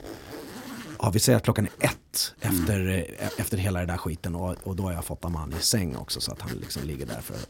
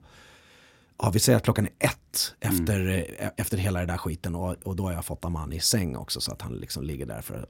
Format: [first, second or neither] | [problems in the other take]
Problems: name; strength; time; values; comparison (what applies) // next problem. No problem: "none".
second | household noises; noticeable; throughout; 15 dB below the speech